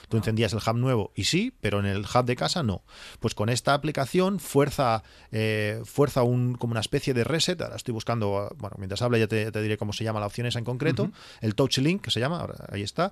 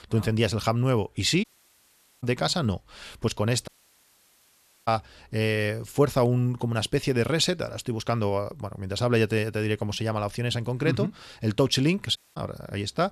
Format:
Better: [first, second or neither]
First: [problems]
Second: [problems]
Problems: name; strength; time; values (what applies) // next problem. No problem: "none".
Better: first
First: none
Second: audio cutting out; at 1.5 s for 1 s, at 3.5 s for 1 s and at 12 s